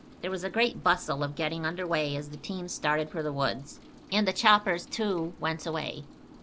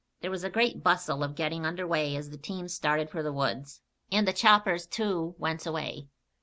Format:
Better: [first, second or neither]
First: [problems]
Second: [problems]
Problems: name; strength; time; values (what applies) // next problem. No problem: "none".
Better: second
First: background sound (Rain); 20 dB below the speech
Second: none